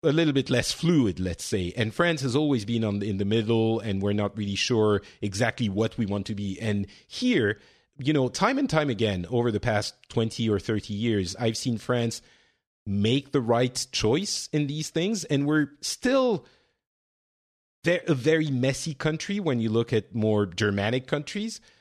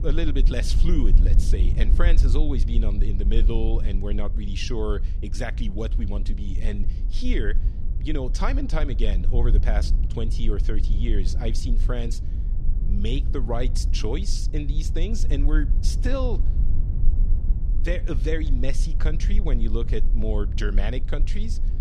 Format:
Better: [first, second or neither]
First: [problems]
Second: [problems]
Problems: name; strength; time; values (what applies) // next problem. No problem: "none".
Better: first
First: none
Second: low rumble; noticeable; throughout; 10 dB below the speech